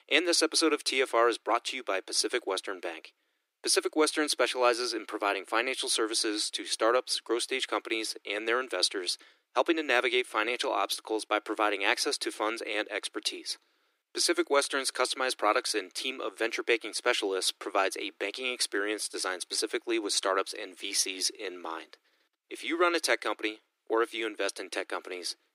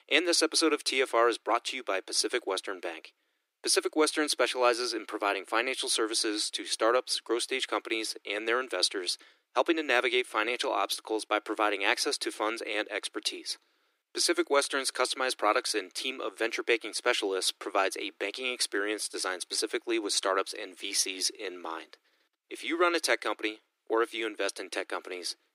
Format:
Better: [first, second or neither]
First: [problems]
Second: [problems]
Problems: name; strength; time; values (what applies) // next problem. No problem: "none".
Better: neither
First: thin; very; fading below 300 Hz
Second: thin; very; fading below 300 Hz